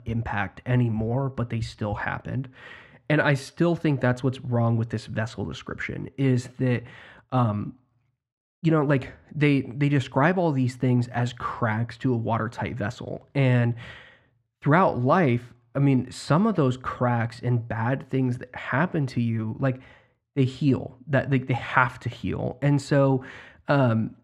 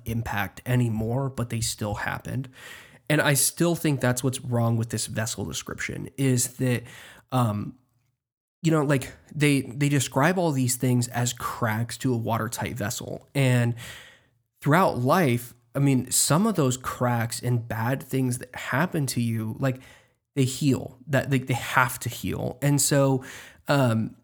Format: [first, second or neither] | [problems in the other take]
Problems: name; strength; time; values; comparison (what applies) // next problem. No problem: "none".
second | muffled; very; fading above 2.5 kHz